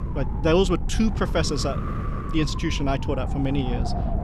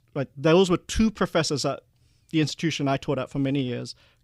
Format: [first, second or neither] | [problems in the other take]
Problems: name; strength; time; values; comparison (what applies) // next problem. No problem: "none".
second | wind noise on the microphone; heavy; 9 dB below the speech